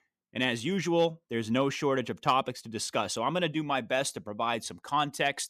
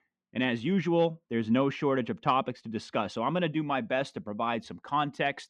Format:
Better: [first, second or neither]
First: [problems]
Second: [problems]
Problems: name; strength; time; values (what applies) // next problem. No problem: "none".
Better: first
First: none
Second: muffled; slightly; fading above 3 kHz